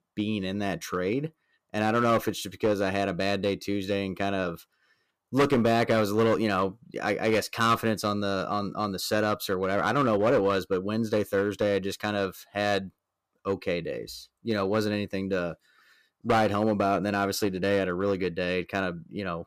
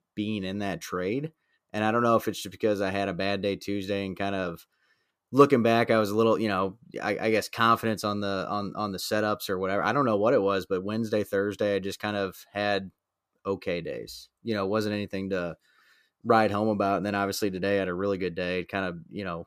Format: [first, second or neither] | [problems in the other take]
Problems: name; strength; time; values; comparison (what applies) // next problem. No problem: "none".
second | distortion; slight; 4% of the sound clipped